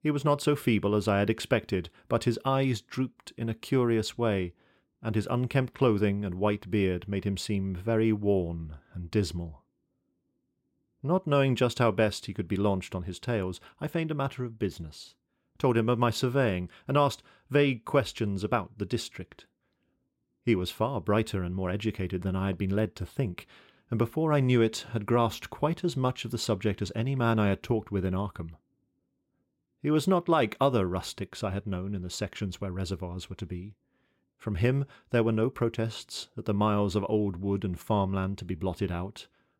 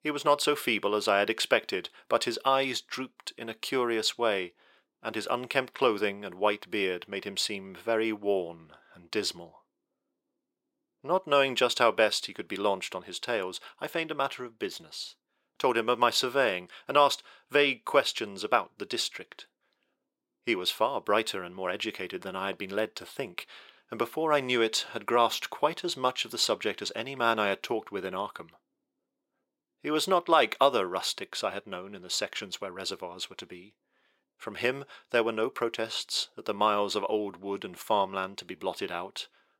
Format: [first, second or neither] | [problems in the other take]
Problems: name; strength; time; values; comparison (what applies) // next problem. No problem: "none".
first | thin; very; fading below 550 Hz